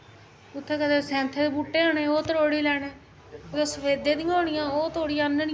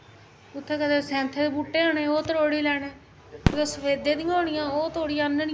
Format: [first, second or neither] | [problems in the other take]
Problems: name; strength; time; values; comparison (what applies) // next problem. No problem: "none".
first | background sound (Fireworks); 6 dB below the speech